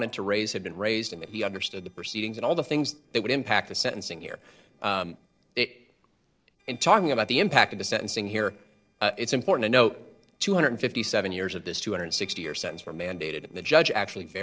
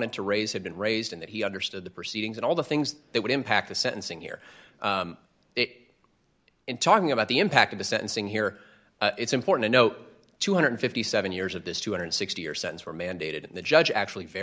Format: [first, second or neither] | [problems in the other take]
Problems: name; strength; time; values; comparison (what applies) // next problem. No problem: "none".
second | noise reduction (neural separator model SepFormer DNS4)